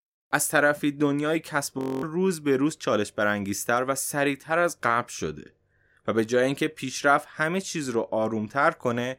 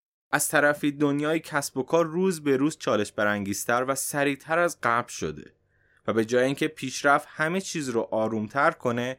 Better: second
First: audio freezing; at 2 s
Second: none

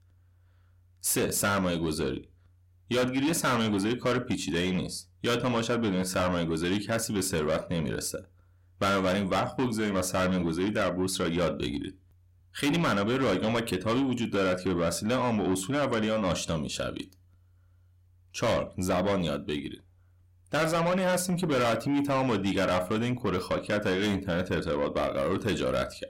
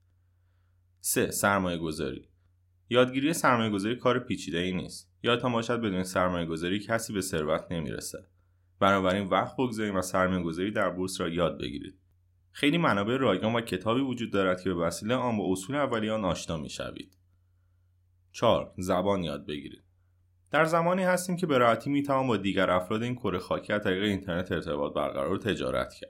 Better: second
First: distortion; heavy; 7 dB below the speech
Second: none

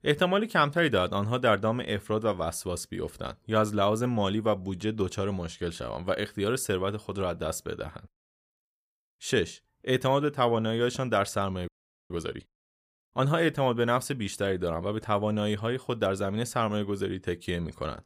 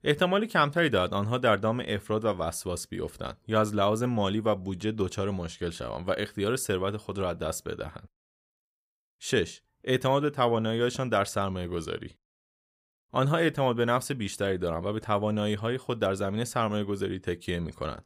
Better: second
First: audio freezing; at 12 s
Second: none

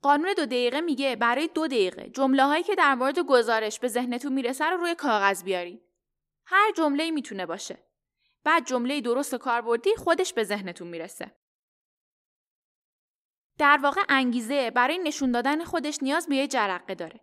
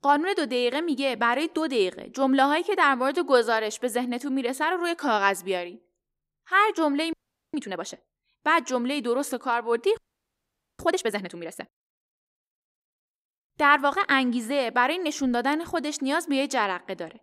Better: first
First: none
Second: audio freezing; at 7 s and at 10 s for 1 s

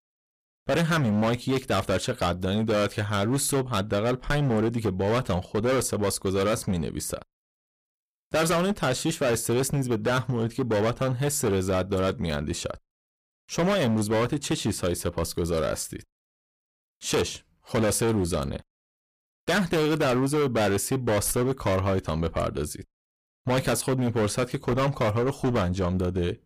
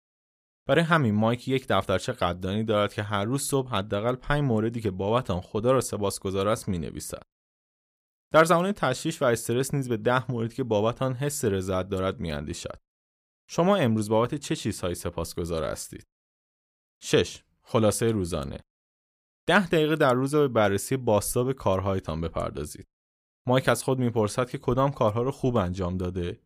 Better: second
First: distortion; heavy; 16% of the sound clipped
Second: none

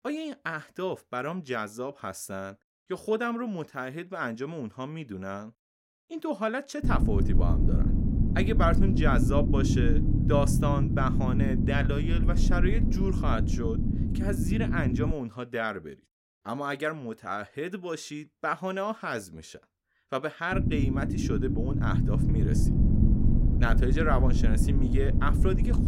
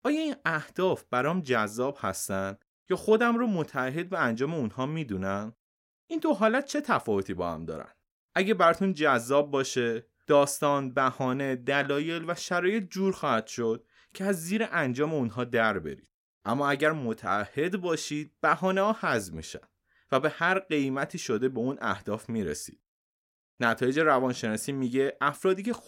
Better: second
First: low rumble; loud; from 7 to 15 s and from 21 s on; 4 dB below the speech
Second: none

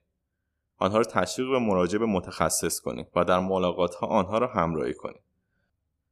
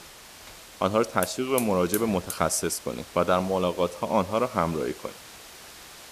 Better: first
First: none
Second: hiss; noticeable; throughout; 15 dB below the speech

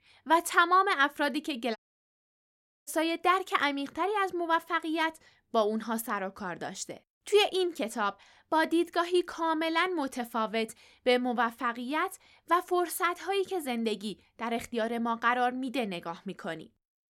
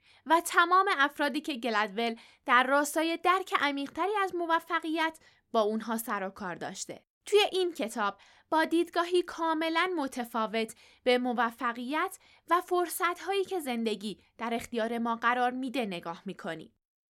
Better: second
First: audio cutting out; at 2 s for 1 s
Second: none

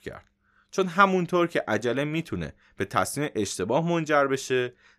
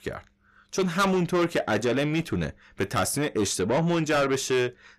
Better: first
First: none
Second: distortion; heavy; 6 dB below the speech

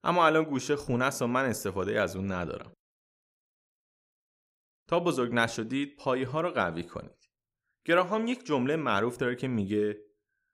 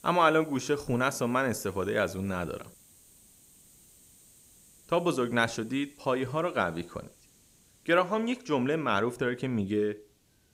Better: first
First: none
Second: hiss; faint; throughout; 25 dB below the speech

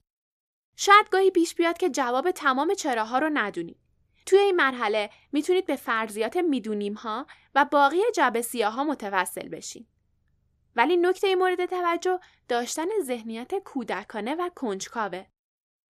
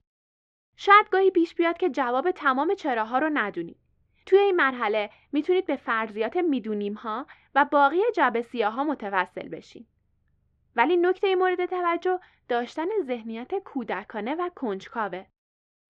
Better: first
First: none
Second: muffled; very; fading above 3 kHz

